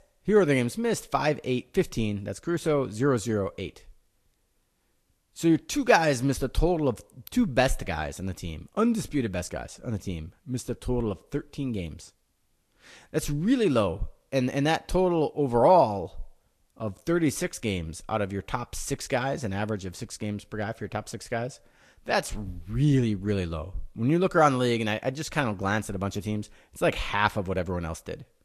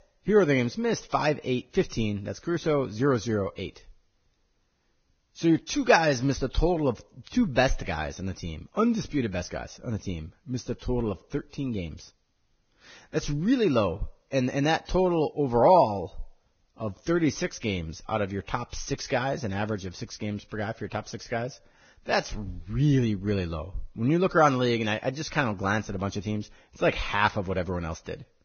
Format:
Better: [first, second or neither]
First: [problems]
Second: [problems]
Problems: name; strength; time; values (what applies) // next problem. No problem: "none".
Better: first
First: garbled, watery; slightly; nothing above 13 kHz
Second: garbled, watery; badly; nothing above 6.5 kHz